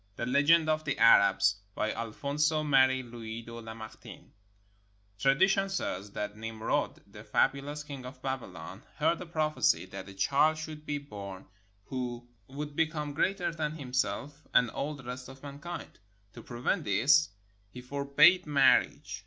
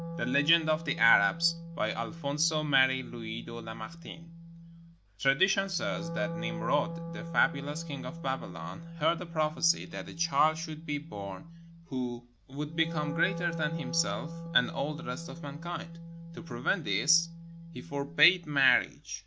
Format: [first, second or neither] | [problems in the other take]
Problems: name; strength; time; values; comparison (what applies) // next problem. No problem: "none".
first | background sound (Wind instrument, woodwind instrument); 9 dB below the speech